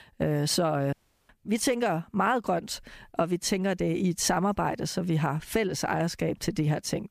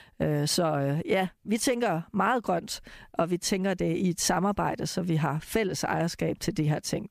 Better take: second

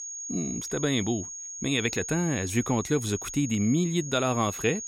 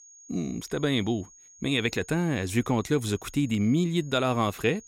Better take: second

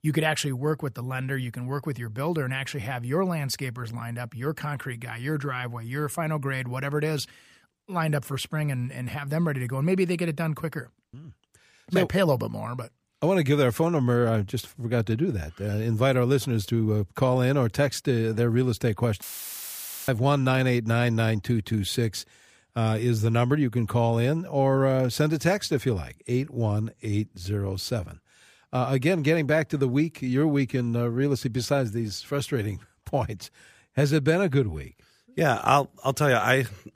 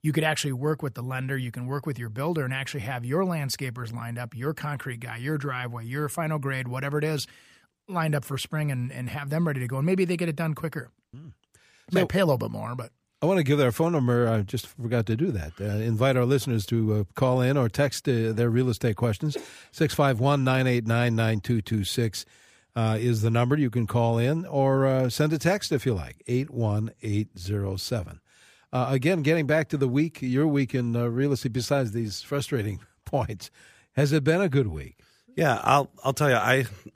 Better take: second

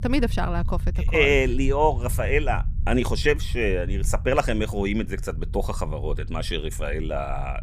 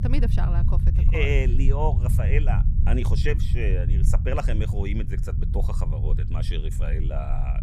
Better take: first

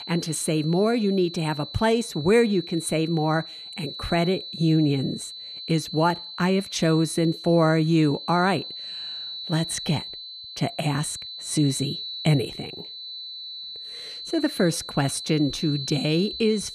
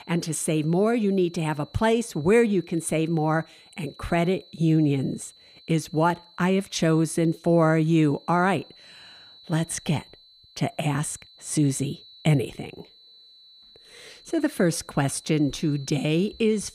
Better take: second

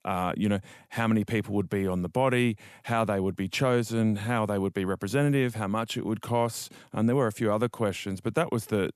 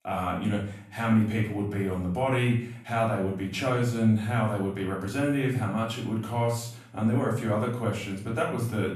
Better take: first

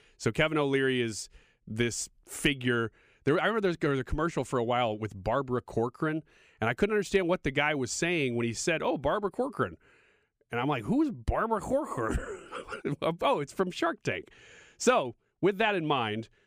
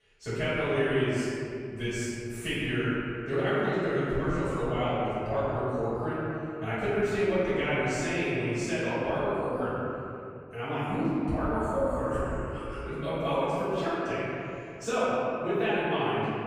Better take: first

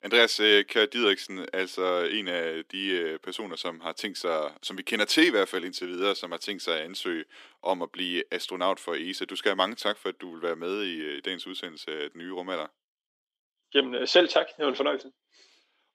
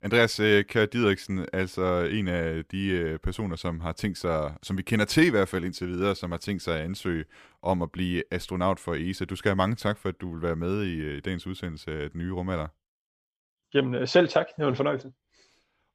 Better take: second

